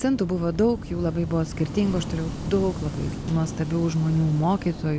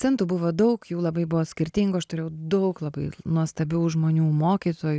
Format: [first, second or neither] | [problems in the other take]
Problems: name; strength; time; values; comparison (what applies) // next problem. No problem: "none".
second | background sound (Waves, surf / Wind); 8 dB below the speech